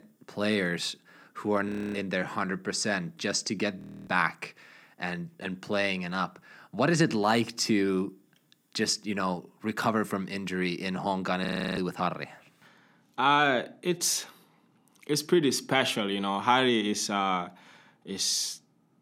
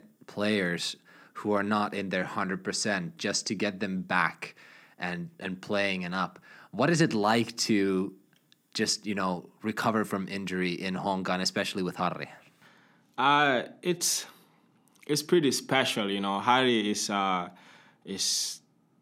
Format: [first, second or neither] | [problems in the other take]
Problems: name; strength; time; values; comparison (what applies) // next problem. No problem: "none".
second | audio freezing; at 1.5 s, at 4 s and at 11 s